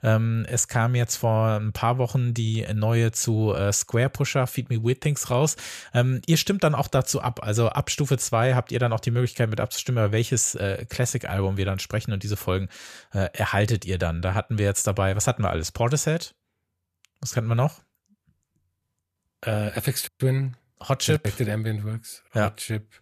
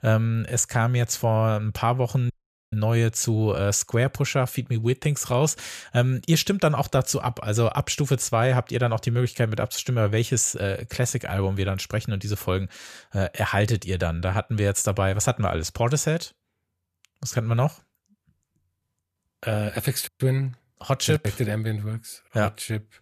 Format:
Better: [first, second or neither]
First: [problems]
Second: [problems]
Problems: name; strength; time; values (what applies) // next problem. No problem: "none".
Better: first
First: none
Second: audio cutting out; at 2.5 s